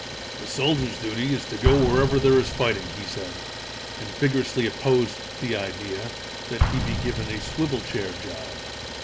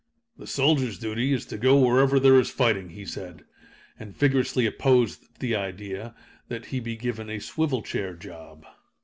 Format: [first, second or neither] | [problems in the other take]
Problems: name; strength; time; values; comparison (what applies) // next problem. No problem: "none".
second | background sound (Idling + Explosion); 4 dB below the speech